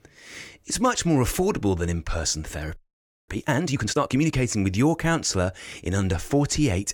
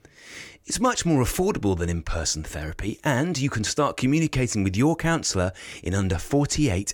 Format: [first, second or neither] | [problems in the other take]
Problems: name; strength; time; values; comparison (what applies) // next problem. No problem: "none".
second | audio freezing; at 3 s for 0.5 s